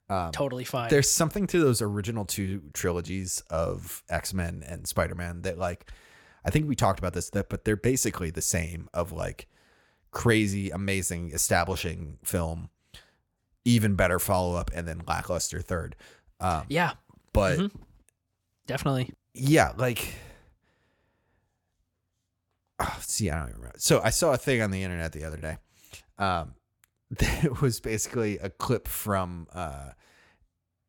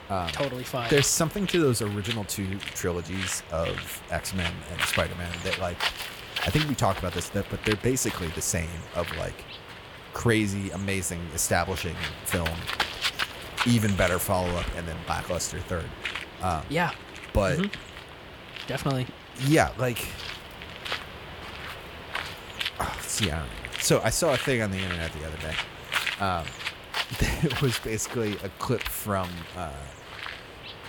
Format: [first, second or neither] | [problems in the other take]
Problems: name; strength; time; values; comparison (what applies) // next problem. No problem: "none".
first | animal sounds; loud; throughout; 6 dB below the speech